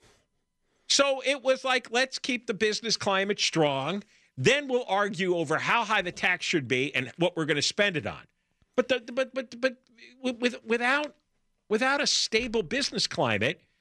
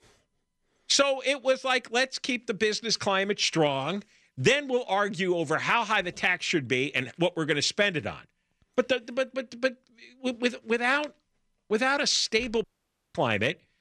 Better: first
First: none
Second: audio cutting out; at 13 s for 0.5 s

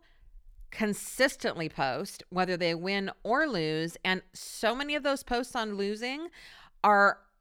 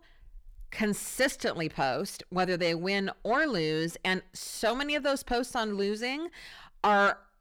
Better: first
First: none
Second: distortion; slight; 10 dB below the speech

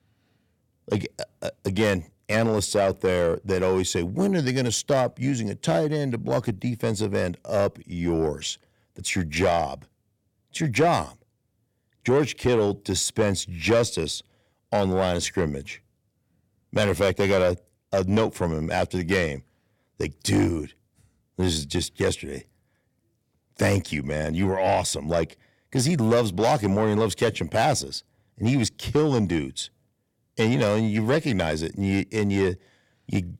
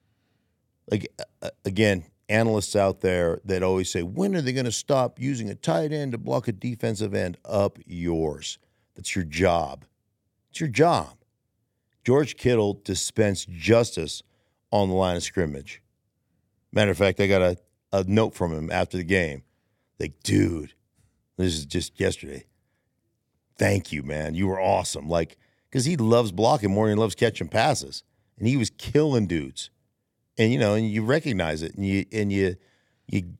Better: second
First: distortion; slight; 10 dB below the speech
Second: none

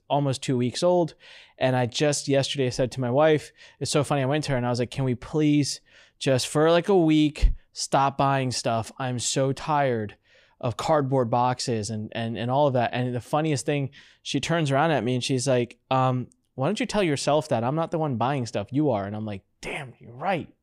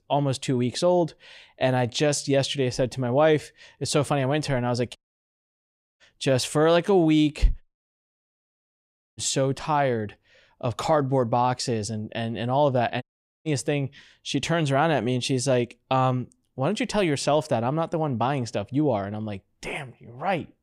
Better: first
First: none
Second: audio cutting out; at 5 s for 1 s, at 7.5 s for 1.5 s and at 13 s

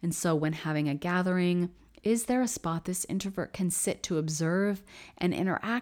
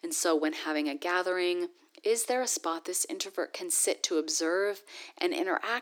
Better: first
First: none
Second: thin; very; fading below 300 Hz

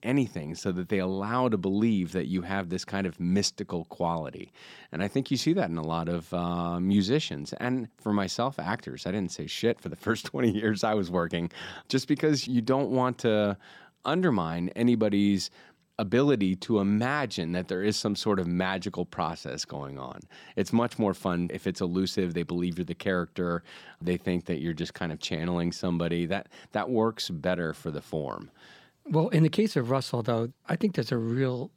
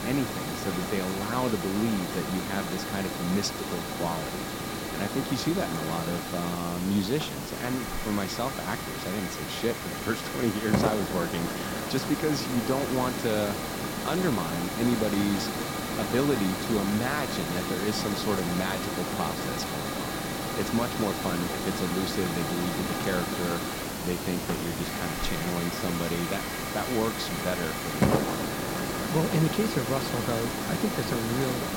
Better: first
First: none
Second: hiss; loud; throughout; as loud as the speech

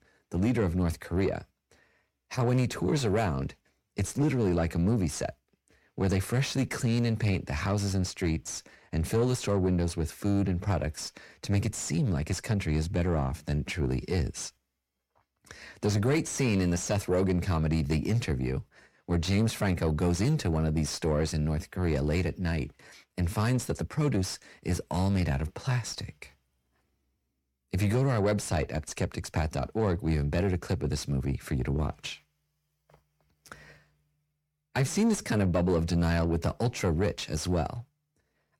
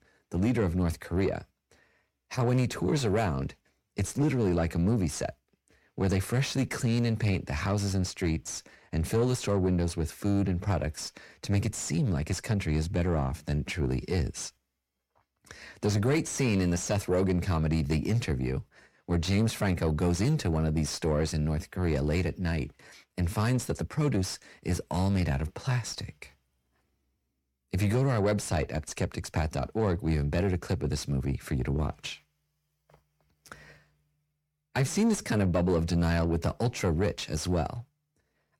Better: neither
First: distortion; slight; 10 dB below the speech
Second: distortion; slight; 10 dB below the speech

